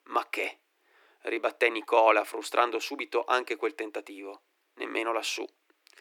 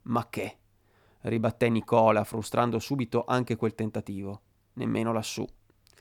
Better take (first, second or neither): second